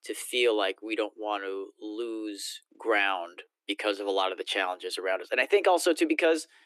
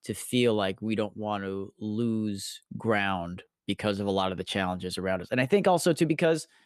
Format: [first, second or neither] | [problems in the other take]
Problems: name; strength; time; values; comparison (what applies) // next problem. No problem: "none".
second | thin; very; fading below 300 Hz